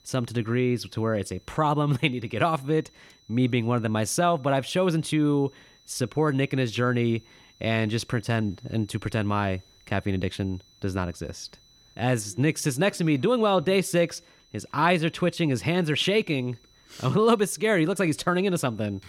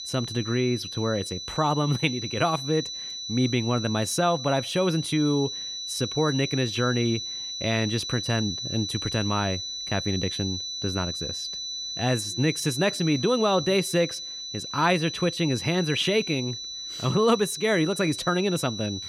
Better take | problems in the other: first | high-pitched whine; loud; throughout; 4 kHz, 6 dB below the speech; faint in the first

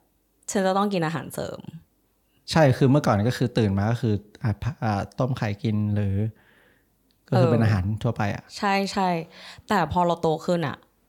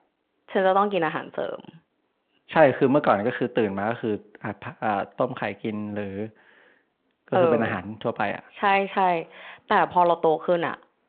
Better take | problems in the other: first | phone-call audio; nothing above 3.5 kHz

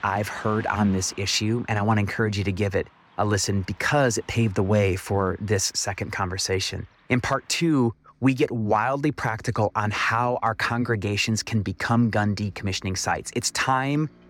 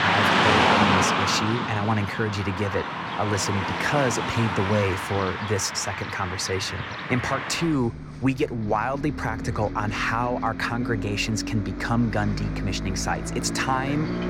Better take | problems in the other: first | traffic noise; loud; throughout; 1 dB below the speech; faint in the first

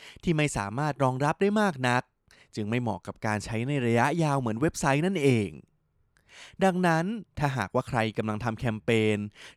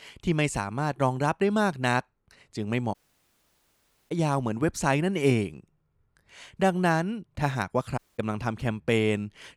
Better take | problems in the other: first | audio cutting out; at 3 s for 1 s and at 8 s

